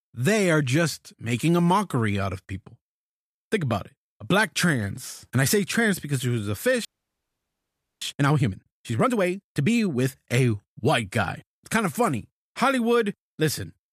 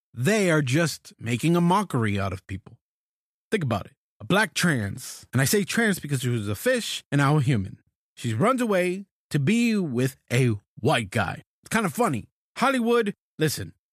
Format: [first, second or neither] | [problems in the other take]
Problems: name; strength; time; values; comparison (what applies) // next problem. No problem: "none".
second | audio freezing; at 7 s for 1 s